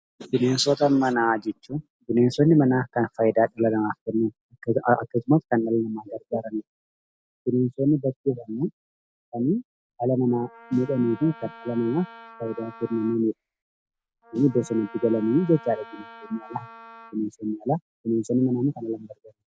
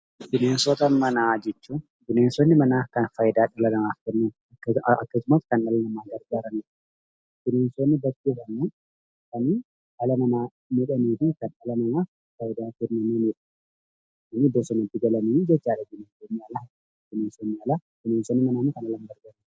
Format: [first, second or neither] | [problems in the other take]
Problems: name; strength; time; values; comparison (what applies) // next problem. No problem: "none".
second | background sound (Snare drum + Wind instrument, woodwind instrument); 20 dB below the speech